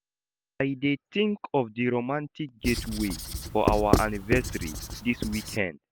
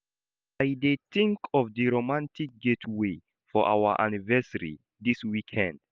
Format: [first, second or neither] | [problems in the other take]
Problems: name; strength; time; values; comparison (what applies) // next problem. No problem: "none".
second | background sound (Writing); 1 dB below the speech